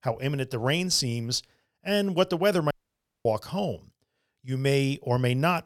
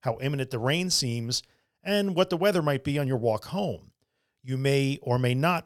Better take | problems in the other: second | audio cutting out; at 2.5 s for 0.5 s

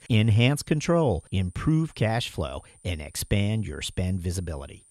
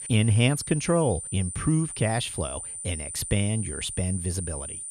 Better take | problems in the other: first | high-pitched whine; loud; throughout; 9 kHz, 7 dB below the speech; faint in the first

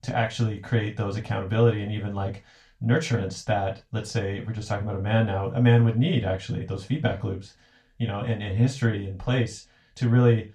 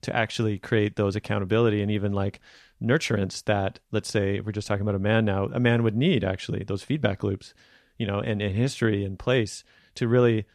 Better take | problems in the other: second | room echo; slight; dies away in 0.2 s // off-mic speech; far

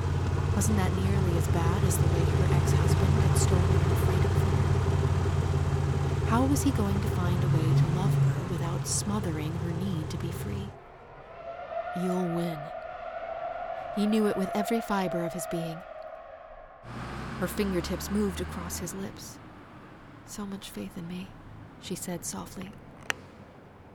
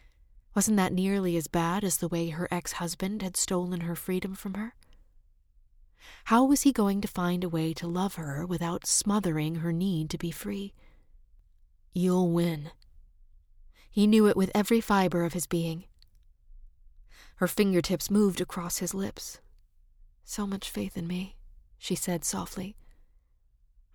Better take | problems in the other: second | traffic noise; very loud; throughout; 4 dB above the speech

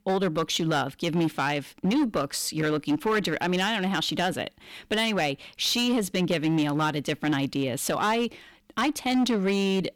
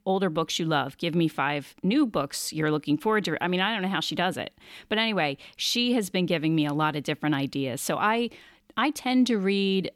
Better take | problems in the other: second | distortion; slight; 11% of the sound clipped

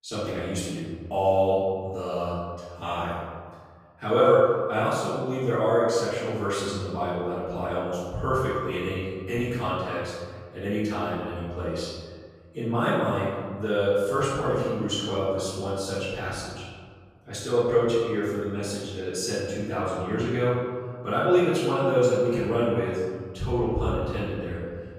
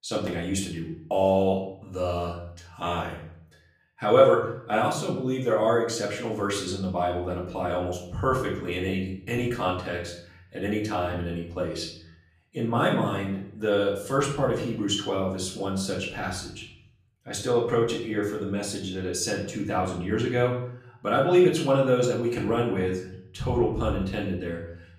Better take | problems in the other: second | room echo; strong; dies away in 1.6 s; slight in the second // off-mic speech; far; far in the second

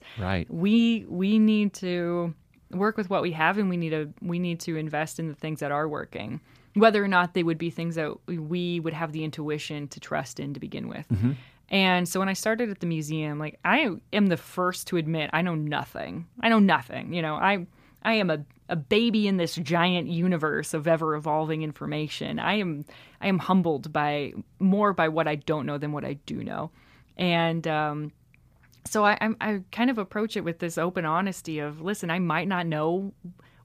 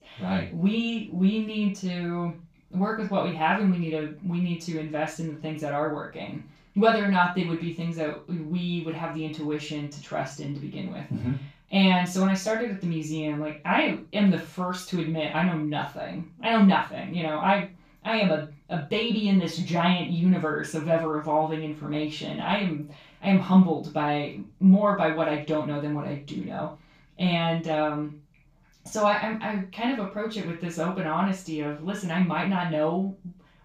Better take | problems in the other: first | room echo; noticeable; dies away in 0.3 s // off-mic speech; far

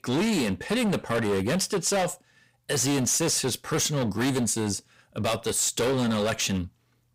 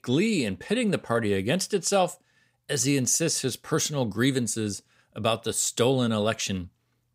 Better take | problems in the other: second | distortion; heavy; 21% of the sound clipped

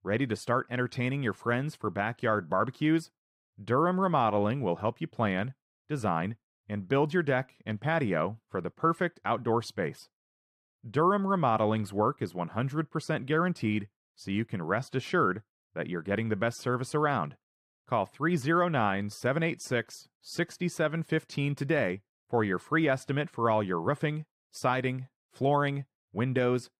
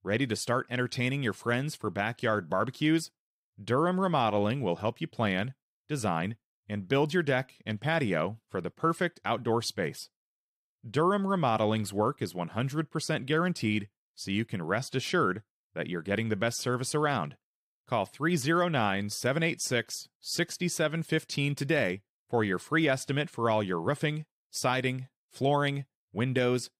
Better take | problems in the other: second | muffled; slightly; fading above 2.5 kHz

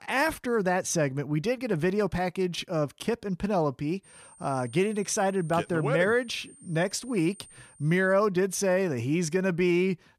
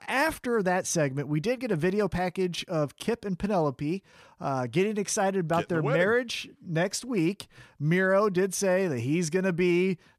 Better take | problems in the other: second | high-pitched whine; faint; from 4 to 8 s; 8.5 kHz, 25 dB below the speech

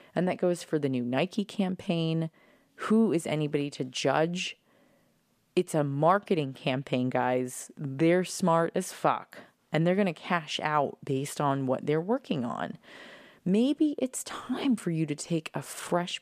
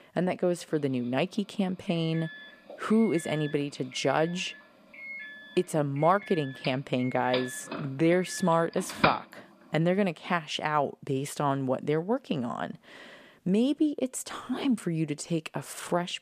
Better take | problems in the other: first | doorbell; loud; from 6.5 to 9 s; peak 1 dB above the speech

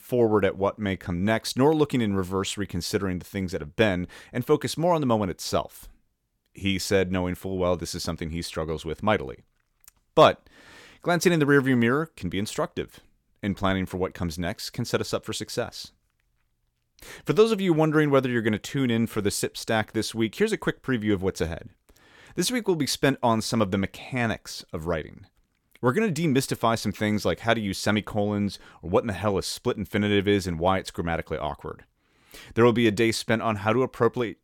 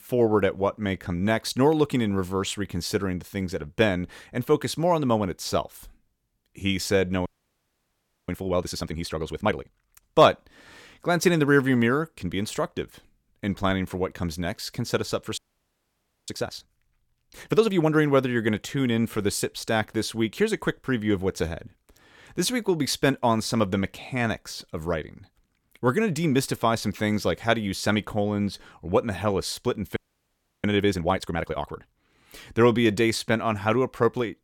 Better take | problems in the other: first | audio freezing; at 7.5 s for 1 s, at 15 s for 1 s and at 30 s for 0.5 s

